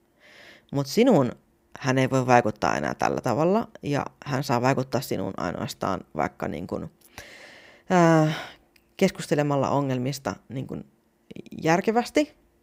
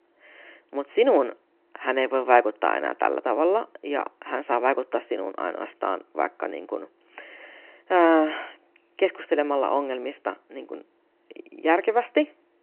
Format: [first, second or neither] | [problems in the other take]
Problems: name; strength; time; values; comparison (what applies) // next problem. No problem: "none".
first | phone-call audio